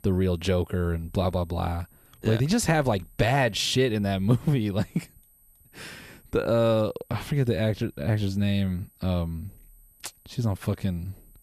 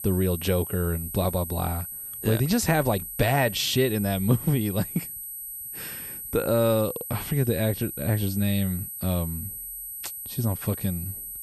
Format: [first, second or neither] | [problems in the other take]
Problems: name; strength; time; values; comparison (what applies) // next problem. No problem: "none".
first | high-pitched whine; loud; throughout; 12 kHz, 8 dB below the speech; faint in the first